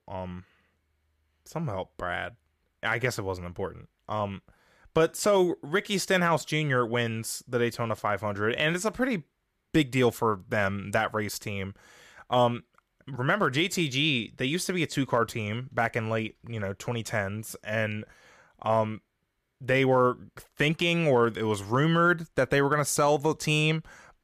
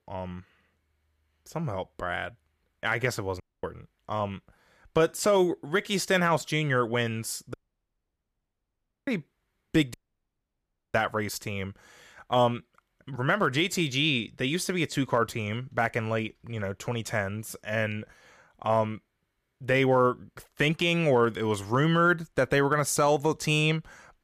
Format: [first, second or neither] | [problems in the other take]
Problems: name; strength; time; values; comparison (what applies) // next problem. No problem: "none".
first | audio cutting out; at 3.5 s, at 7.5 s for 1.5 s and at 10 s for 1 s